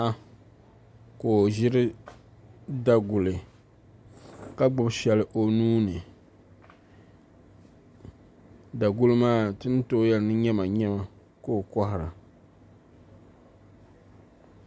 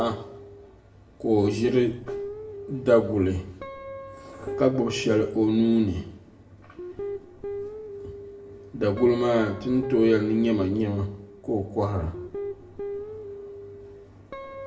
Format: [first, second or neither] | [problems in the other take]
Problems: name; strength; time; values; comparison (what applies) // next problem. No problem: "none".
first | background sound (Guitar); 11 dB below the speech // room echo; dies away in 0.6 s